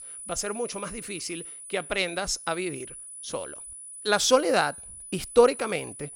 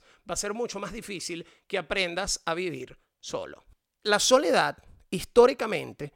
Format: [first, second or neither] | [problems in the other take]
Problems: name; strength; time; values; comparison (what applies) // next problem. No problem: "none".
second | high-pitched whine; noticeable; throughout; 10 kHz, 10 dB below the speech